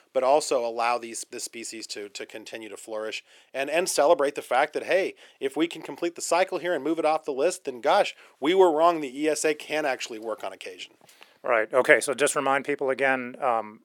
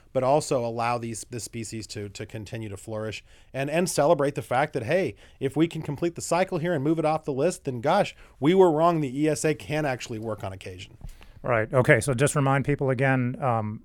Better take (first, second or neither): second